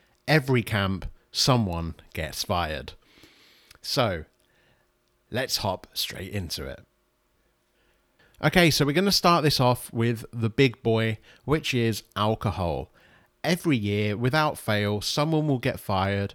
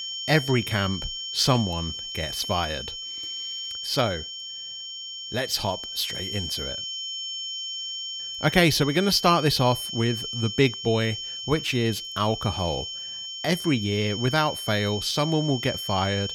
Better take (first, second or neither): first